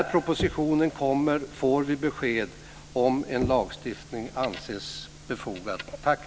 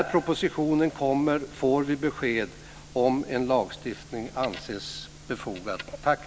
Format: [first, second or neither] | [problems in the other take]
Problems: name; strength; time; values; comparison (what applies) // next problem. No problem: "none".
second | background sound (Knock); 14 dB below the speech